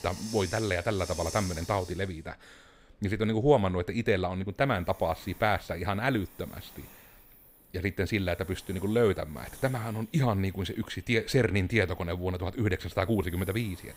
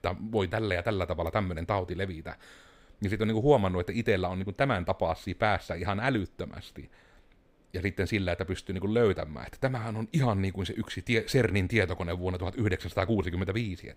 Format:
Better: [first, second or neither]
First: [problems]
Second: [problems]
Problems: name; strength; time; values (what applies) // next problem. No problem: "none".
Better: second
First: hiss; noticeable; throughout; 15 dB below the speech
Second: none